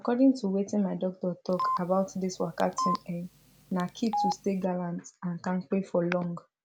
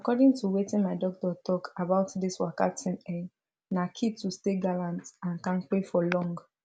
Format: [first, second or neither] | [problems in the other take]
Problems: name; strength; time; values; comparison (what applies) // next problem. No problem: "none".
second | background sound (Telephone); 5 dB below the speech